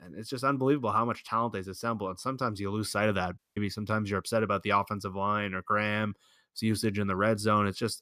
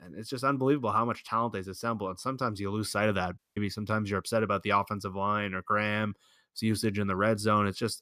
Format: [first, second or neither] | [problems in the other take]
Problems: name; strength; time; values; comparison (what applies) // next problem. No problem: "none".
neither | audio cutting out; at 3.5 s; the same in both